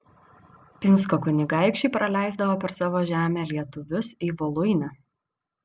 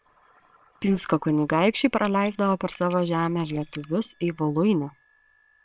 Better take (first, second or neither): first